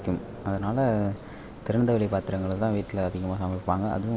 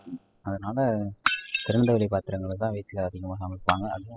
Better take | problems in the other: first | noise reduction (classical method spectral subtraction)

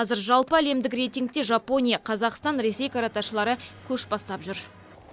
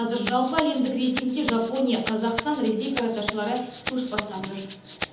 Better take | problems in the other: first | background sound (Rattle (instrument)); 10 dB below the speech // room echo; dies away in 1.3 s

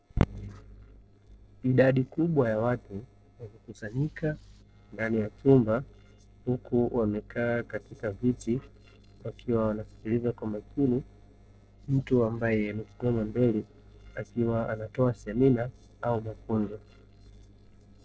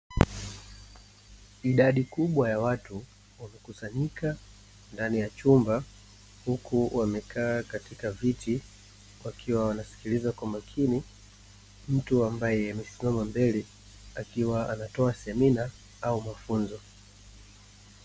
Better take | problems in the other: second | noise reduction (neural separator model SepFormer DNS4)

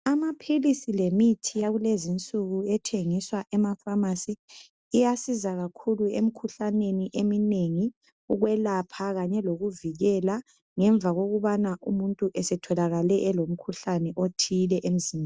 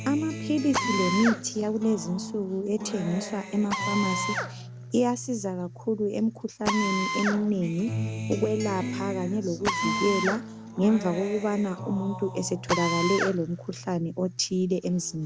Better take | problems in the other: first | background sound (Acoustic guitar + Drill); 5 dB below the speech

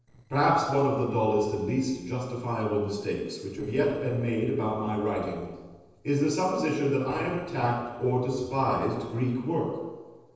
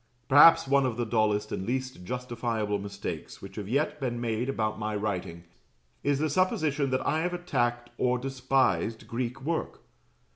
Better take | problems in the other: second | noise reduction (neural separator model SepFormer DNS4)

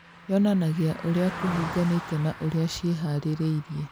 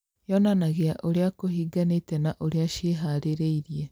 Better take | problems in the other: second | background sound (Car passing by); 13 dB below the speech

